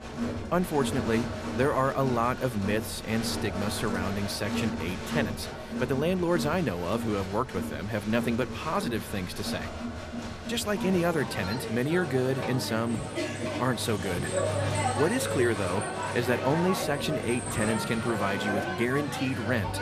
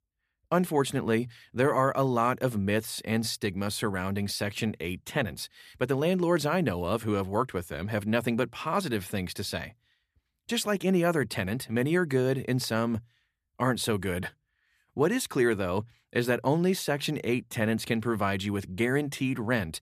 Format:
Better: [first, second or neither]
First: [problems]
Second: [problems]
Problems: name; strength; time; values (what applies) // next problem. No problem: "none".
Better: second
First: crowd noise; loud; throughout; 4 dB below the speech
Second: none